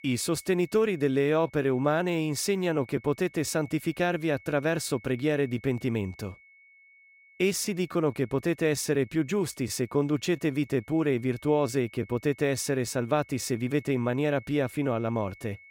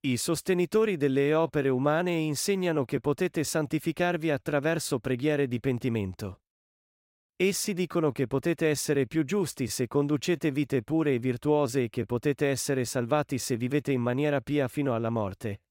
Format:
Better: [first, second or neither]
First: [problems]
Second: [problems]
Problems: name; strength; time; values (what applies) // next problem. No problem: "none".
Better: second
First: high-pitched whine; faint; throughout; 2 kHz, 25 dB below the speech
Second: none